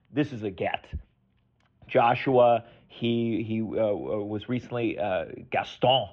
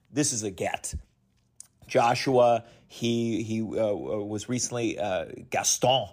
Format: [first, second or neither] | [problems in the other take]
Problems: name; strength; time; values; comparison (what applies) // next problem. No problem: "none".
second | muffled; very; fading above 3 kHz